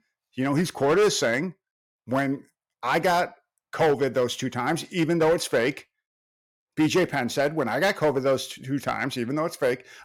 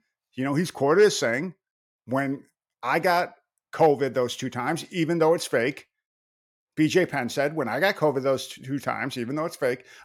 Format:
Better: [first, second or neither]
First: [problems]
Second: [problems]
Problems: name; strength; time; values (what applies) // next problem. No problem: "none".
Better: second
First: distortion; slight; 5% of the sound clipped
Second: none